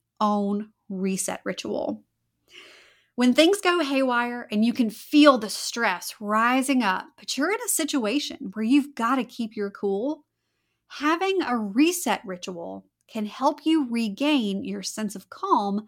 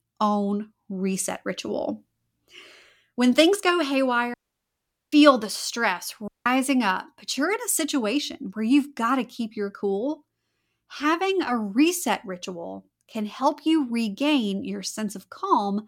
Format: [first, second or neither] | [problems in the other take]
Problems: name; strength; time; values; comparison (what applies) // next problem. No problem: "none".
first | audio cutting out; at 4.5 s for 1 s and at 6.5 s